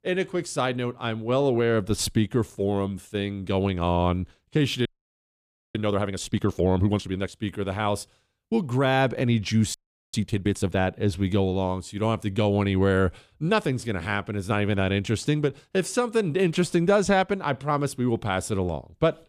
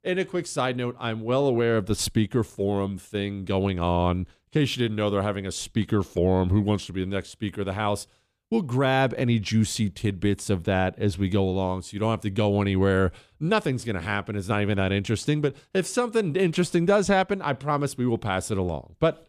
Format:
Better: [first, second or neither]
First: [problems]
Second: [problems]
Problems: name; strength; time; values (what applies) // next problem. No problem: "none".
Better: second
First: audio freezing; at 5 s for 1 s and at 9.5 s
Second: none